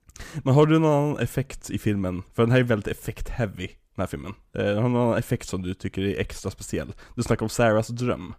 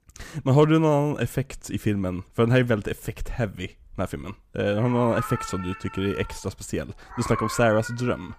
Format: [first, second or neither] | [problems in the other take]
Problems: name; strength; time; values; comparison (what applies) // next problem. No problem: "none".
first | animal sounds; noticeable; throughout; 10 dB below the speech